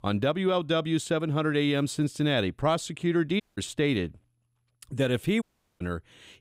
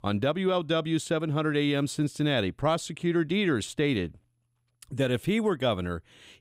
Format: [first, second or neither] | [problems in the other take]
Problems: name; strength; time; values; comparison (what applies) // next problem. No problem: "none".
second | audio cutting out; at 3.5 s and at 5.5 s